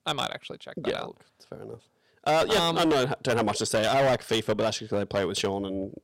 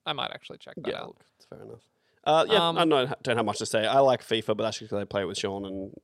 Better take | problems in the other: second | distortion; heavy; 11% of the sound clipped

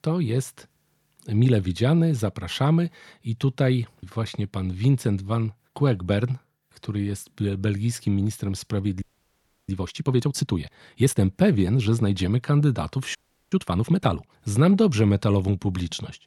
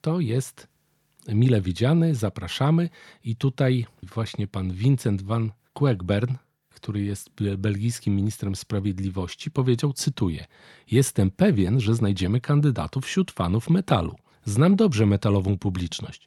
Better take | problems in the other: second | audio freezing; at 9 s for 0.5 s and at 13 s

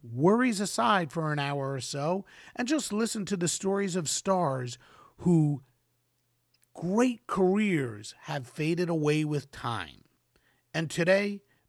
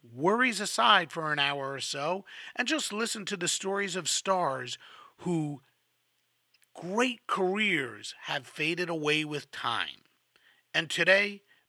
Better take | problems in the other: first | thin; somewhat; fading below 400 Hz

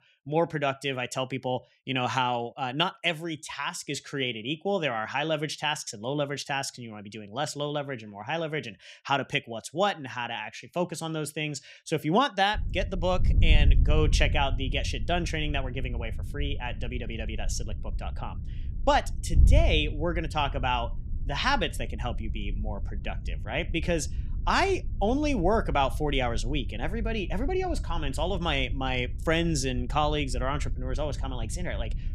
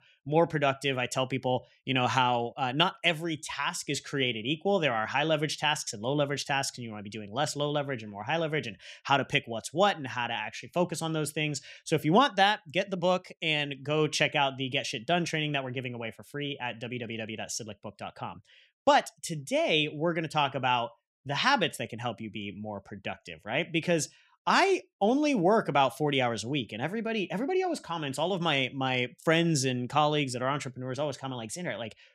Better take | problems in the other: second | wind noise on the microphone; occasional gusts; from 13 s on; 20 dB below the speech

